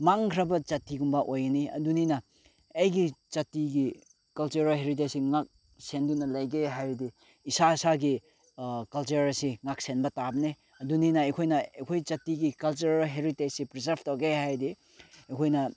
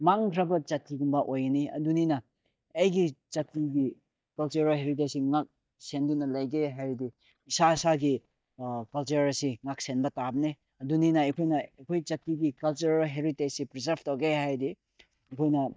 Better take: first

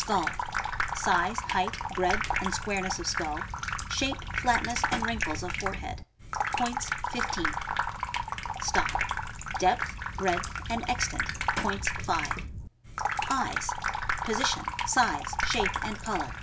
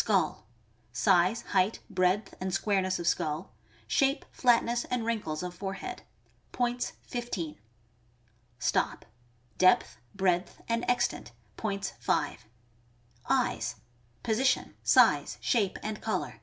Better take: second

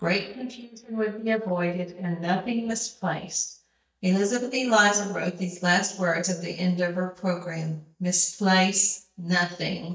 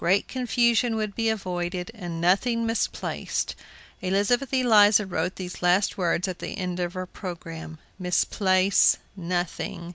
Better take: second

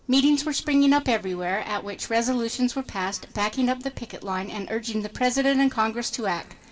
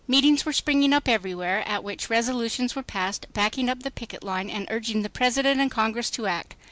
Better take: second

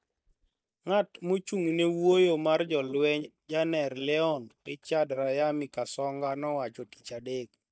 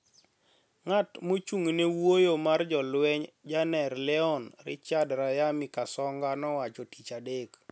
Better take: second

